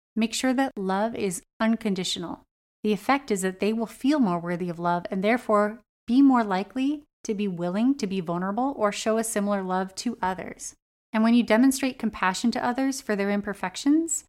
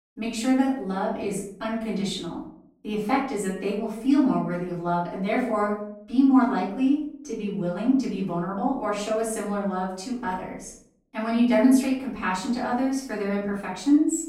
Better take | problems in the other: first | off-mic speech; far // room echo; noticeable; dies away in 0.5 s

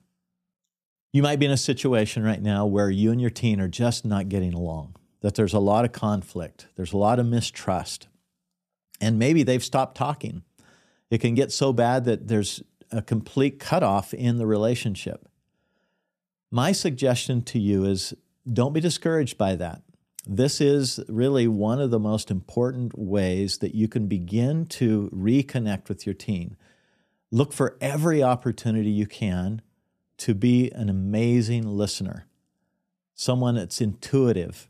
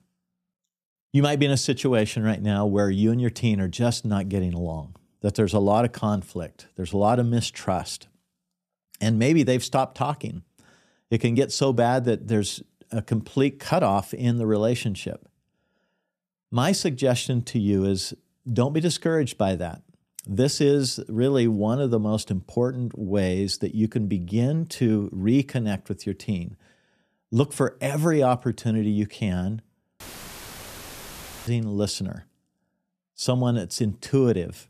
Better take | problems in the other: first | audio cutting out; filled with static; at 30 s for 1.5 s

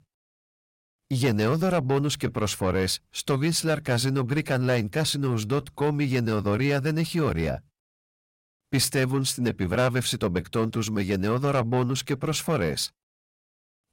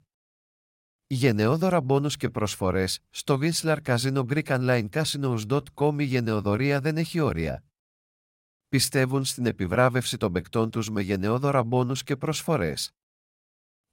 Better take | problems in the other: second | distortion; slight; 10 dB below the speech

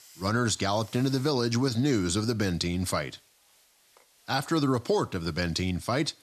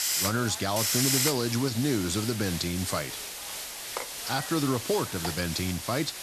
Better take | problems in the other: first | hiss; loud; throughout; 2 dB below the speech; faint in the first

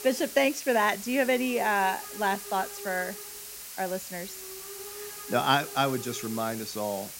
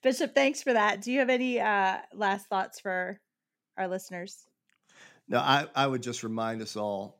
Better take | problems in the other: second | hiss; noticeable; throughout; 10 dB below the speech

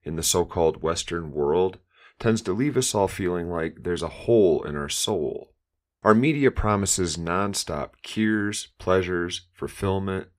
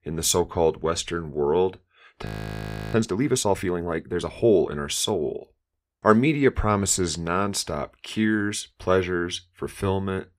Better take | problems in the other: first | audio freezing; at 2.5 s for 0.5 s

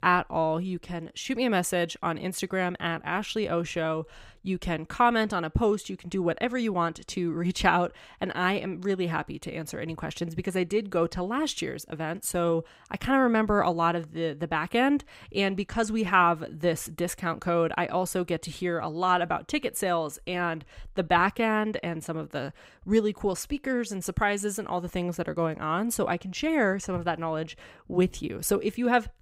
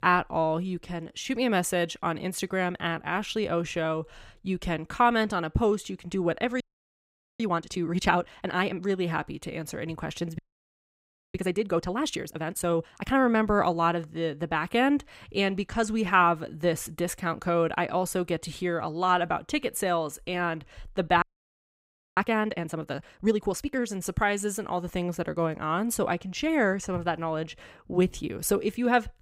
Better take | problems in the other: first | audio freezing; at 6.5 s for 1 s, at 10 s for 1 s and at 21 s for 1 s

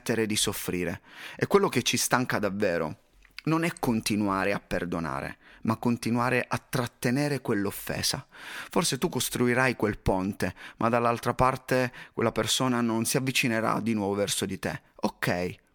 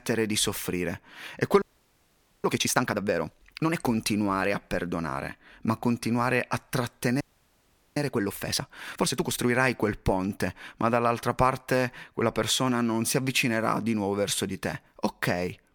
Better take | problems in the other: first | audio freezing; at 1.5 s for 1 s and at 7 s for 1 s

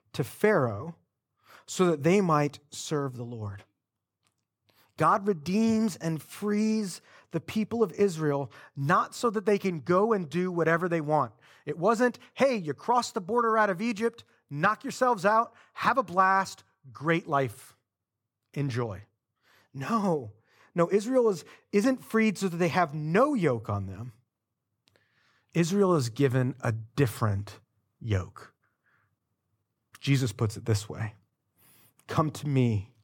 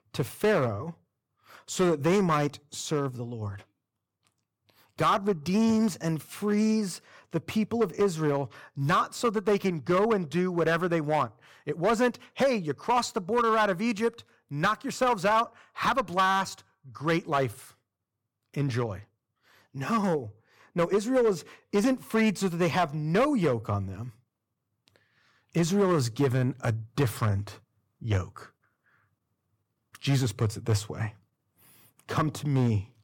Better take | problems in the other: first | distortion; slight; 4% of the sound clipped

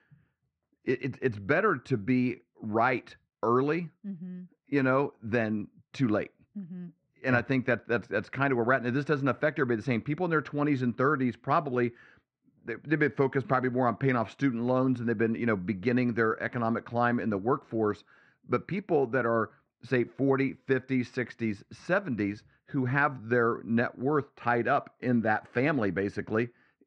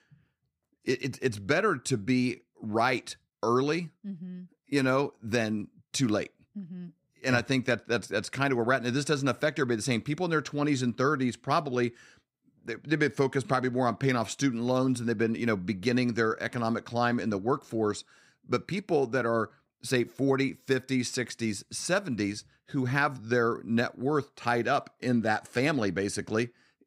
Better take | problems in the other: second | muffled; very; fading above 2 kHz

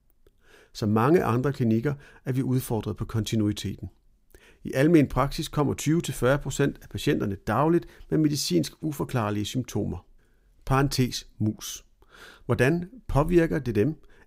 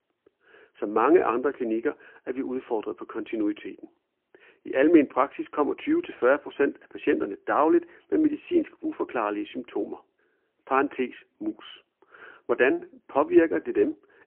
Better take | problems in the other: first | phone-call audio; poor line

